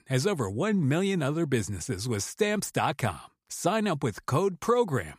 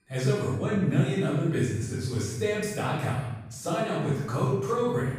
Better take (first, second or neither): first